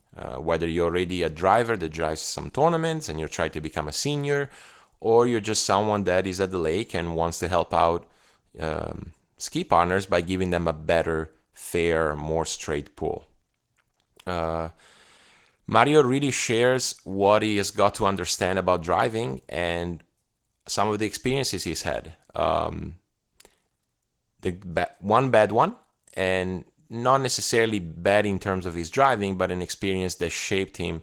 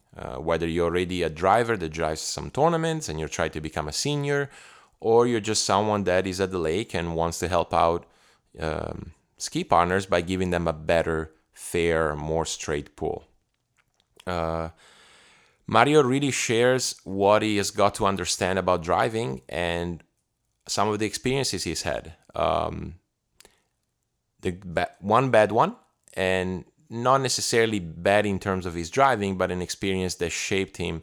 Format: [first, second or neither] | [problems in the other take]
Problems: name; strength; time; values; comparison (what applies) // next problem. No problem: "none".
second | garbled, watery; slightly; nothing above 19 kHz